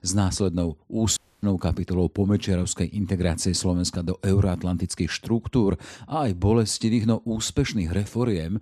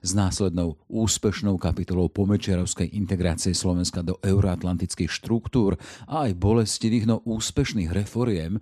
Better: second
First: audio cutting out; at 1 s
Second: none

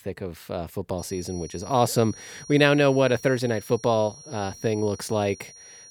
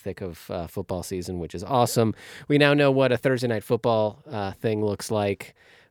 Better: second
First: high-pitched whine; noticeable; from 1 s on; 5.5 kHz, 20 dB below the speech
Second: none

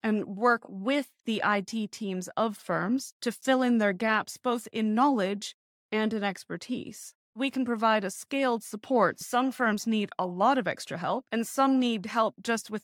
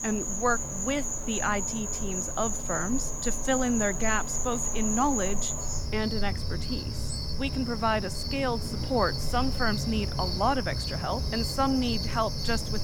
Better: first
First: none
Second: animal sounds; loud; throughout; 1 dB below the speech

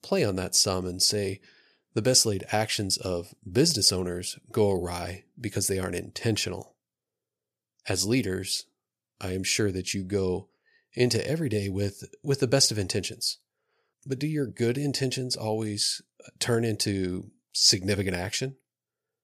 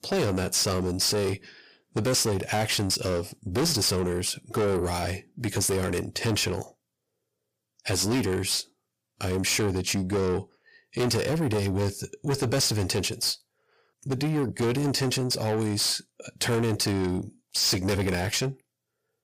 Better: first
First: none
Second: distortion; heavy; 6 dB below the speech

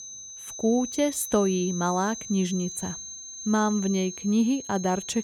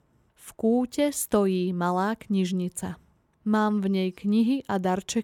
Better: second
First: high-pitched whine; loud; throughout; 6 kHz, 9 dB below the speech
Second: none

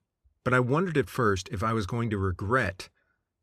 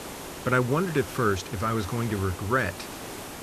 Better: first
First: none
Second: hiss; noticeable; throughout; 10 dB below the speech

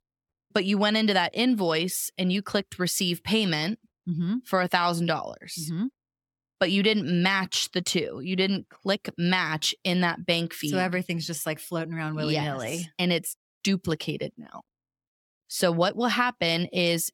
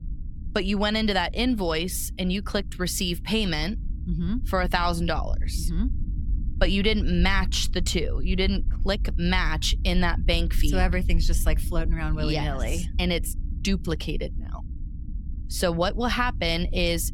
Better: first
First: none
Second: low rumble; faint; throughout; 20 dB below the speech

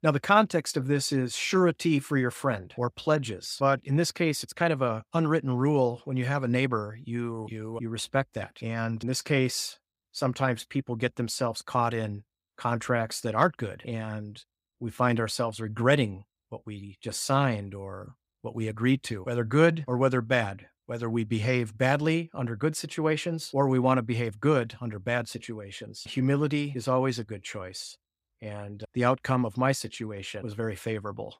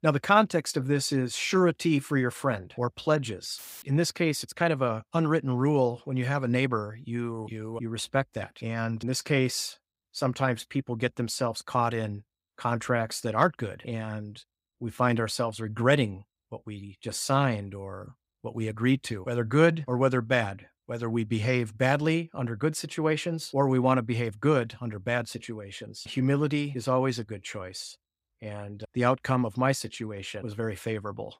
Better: first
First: none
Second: audio cutting out; filled with static; at 3.5 s

